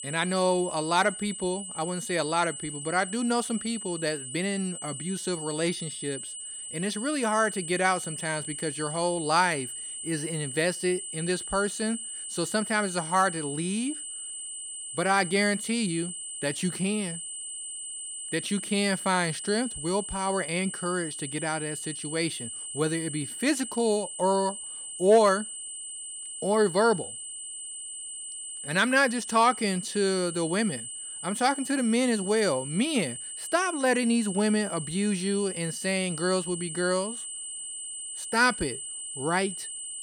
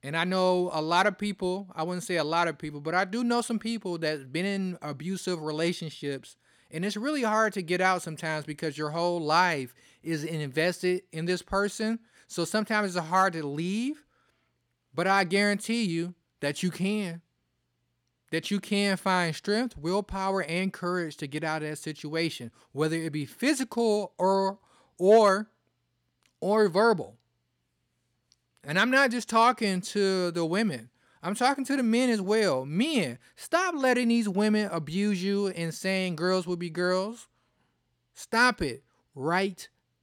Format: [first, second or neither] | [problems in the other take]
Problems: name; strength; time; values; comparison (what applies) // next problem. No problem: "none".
second | high-pitched whine; loud; throughout; 8 kHz, 7 dB below the speech